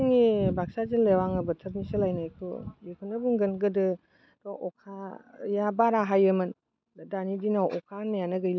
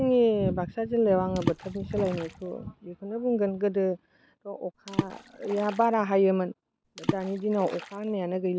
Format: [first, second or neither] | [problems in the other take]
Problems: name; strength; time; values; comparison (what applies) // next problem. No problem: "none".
first | background sound (Water / Splash, splatter); 9 dB below the speech